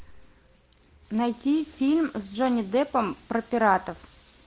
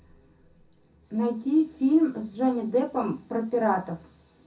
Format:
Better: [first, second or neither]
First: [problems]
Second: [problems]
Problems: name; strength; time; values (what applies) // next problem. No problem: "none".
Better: first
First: none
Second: room echo; dies away in 0.3 s